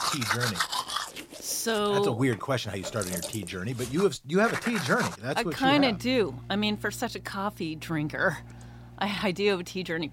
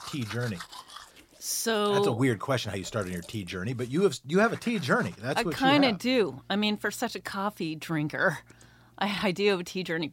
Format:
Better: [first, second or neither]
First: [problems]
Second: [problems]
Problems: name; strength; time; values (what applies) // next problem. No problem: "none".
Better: second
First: household noises; loud; throughout; 7 dB below the speech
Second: household noises; faint; throughout; 20 dB below the speech